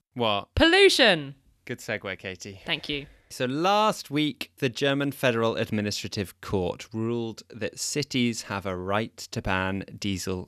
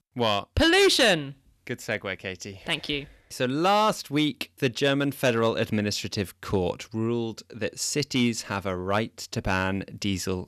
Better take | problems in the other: first | distortion; slight; 2% of the sound clipped

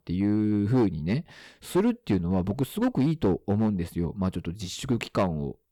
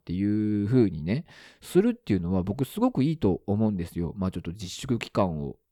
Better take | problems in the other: second | distortion; slight; 5% of the sound clipped

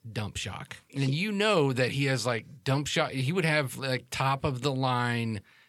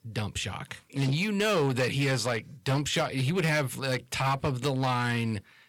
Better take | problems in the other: first | distortion; slight; 8% of the sound clipped

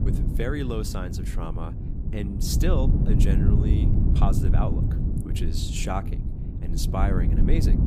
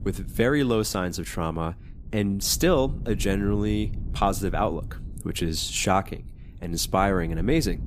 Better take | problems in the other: second | low rumble; loud; throughout; 4 dB below the speech; faint in the second

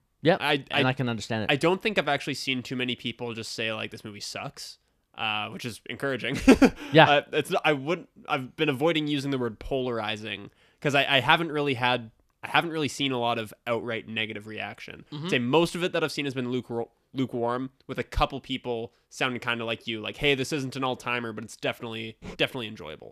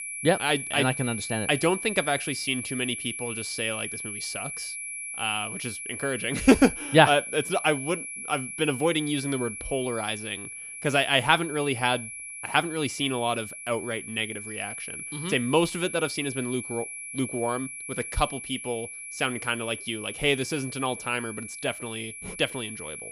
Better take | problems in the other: first | high-pitched whine; loud; throughout; 2.5 kHz, 8 dB below the speech

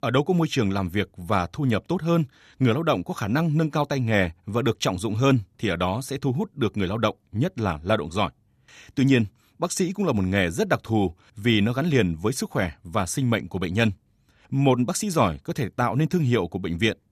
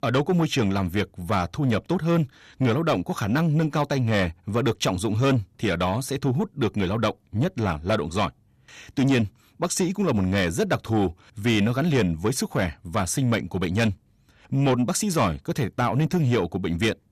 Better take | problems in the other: first | distortion; slight; 10 dB below the speech

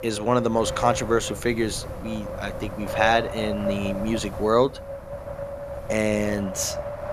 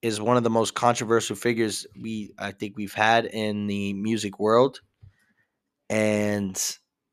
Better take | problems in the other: second | wind noise on the microphone; heavy; 8 dB below the speech

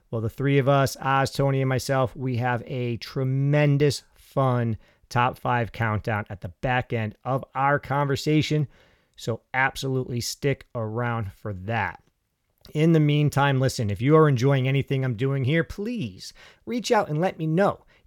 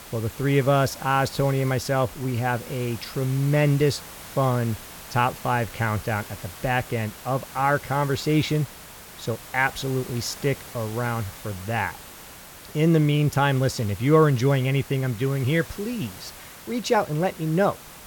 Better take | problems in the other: first | hiss; noticeable; throughout; 15 dB below the speech

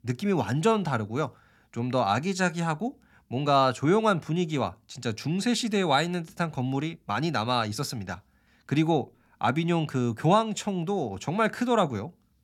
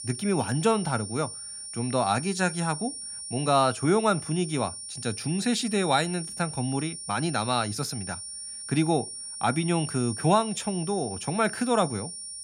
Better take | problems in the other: first | high-pitched whine; loud; throughout; 9.5 kHz, 8 dB below the speech

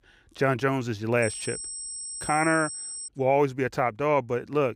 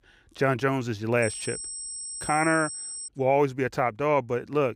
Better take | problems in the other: neither | high-pitched whine; loud; from 1 to 3 s; 8 kHz, 8 dB below the speech; the same in both

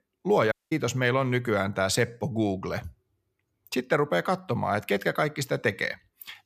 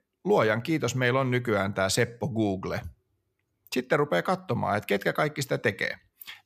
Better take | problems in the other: second | audio cutting out; at 0.5 s

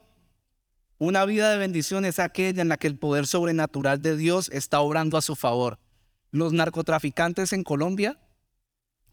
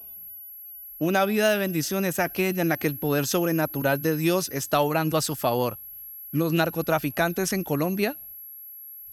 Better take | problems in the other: first | high-pitched whine; noticeable; throughout; 11.5 kHz, 10 dB below the speech

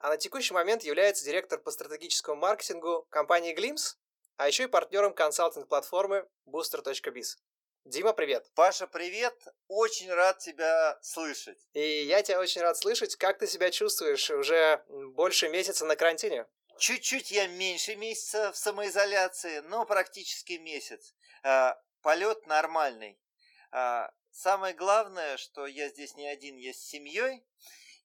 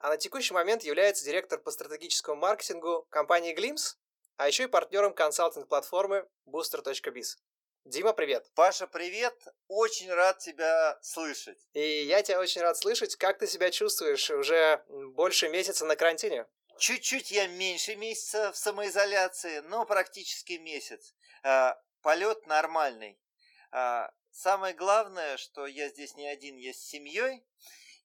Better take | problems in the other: neither | thin; very; fading below 450 Hz; the same in both

